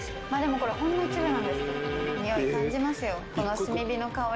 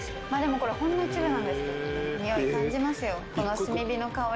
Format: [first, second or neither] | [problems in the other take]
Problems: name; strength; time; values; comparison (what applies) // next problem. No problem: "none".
second | background sound (Bowed string instrument); 13 dB below the speech